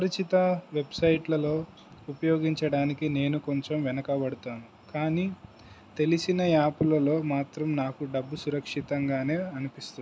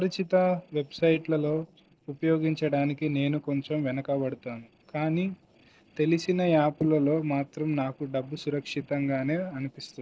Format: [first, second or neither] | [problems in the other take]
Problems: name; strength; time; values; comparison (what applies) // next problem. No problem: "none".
first | noise reduction (neural separator model SepFormer DNS4)